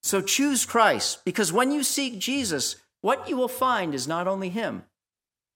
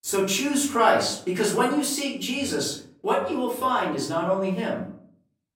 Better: first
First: none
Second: off-mic speech; far // room echo; slight; dies away in 0.5 s

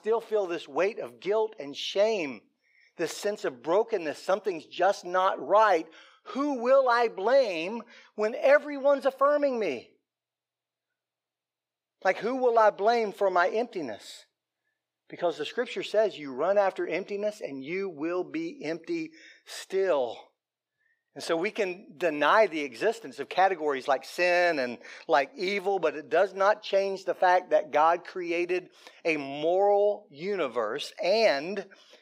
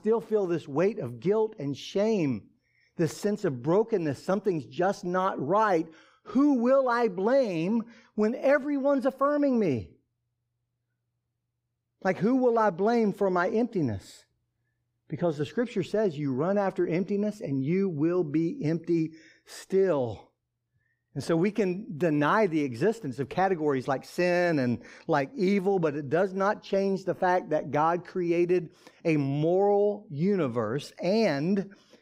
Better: second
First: thin; somewhat; fading below 500 Hz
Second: none

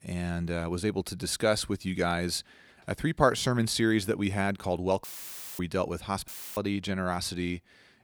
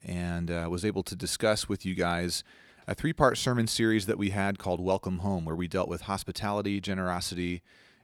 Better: second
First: audio cutting out; filled with static; at 5 s for 0.5 s and at 6.5 s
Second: none

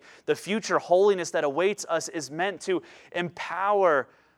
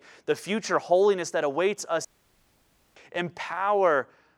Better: first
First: none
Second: audio cutting out; at 2 s for 1 s

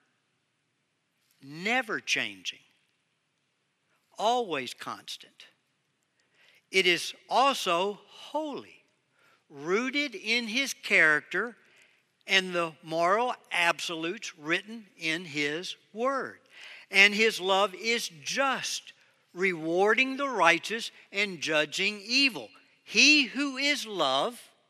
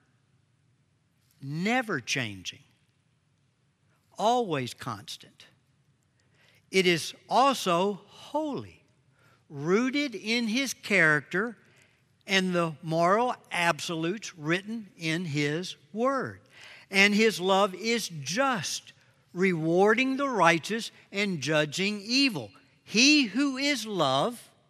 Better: second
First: thin; very slightly; fading below 300 Hz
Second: none

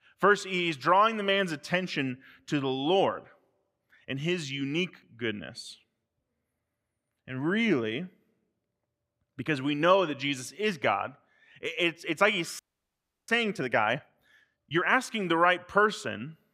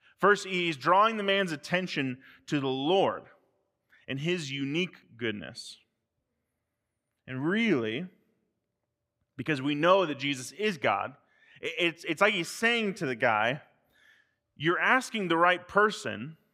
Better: second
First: audio freezing; at 13 s for 0.5 s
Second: none

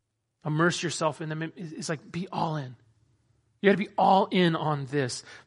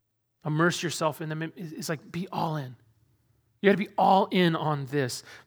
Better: second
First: garbled, watery; slightly; nothing above 10.5 kHz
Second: none

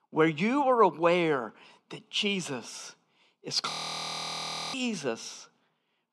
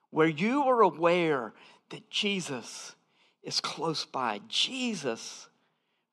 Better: second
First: audio freezing; at 3.5 s for 1 s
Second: none

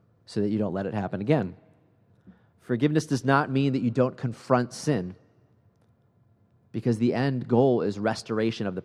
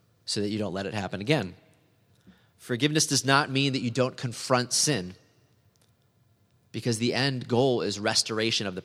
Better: second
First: muffled; very; fading above 2 kHz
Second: none

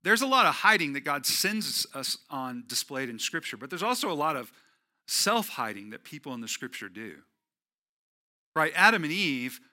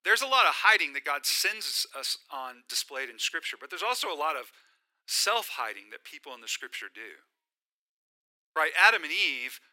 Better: first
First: none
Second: thin; very; fading below 400 Hz

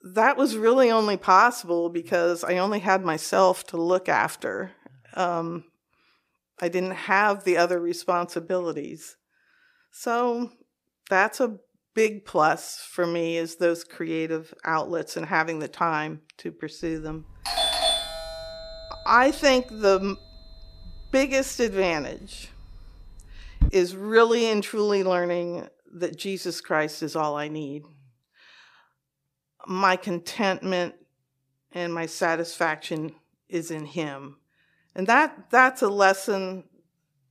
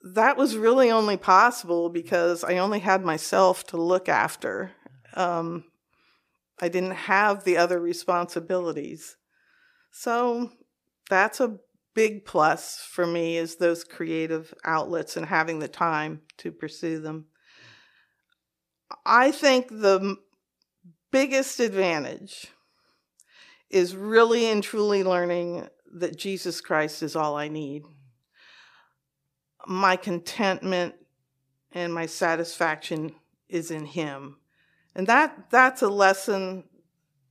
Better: second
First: doorbell; loud; from 17 to 24 s; peak 3 dB above the speech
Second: none

